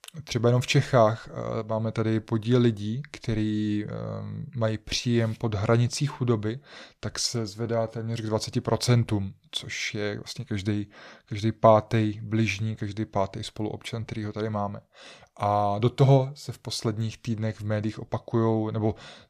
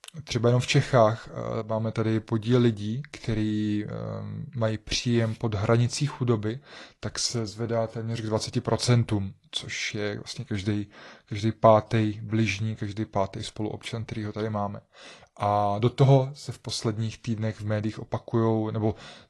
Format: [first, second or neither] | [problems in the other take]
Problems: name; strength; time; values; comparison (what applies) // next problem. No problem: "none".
first | garbled, watery; slightly